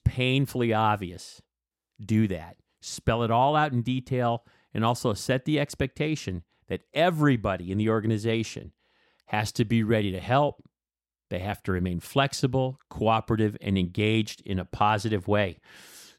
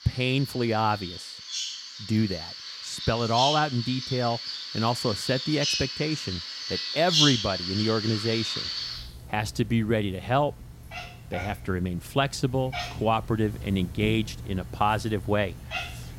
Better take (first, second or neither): first